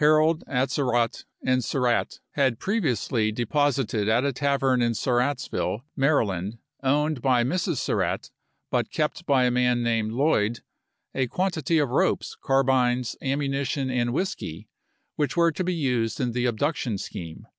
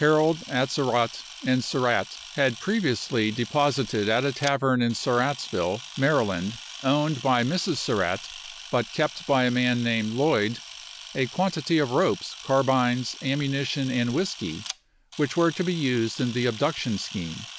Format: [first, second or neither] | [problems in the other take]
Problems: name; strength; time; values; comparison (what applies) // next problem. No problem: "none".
first | background sound (Camera); 16 dB below the speech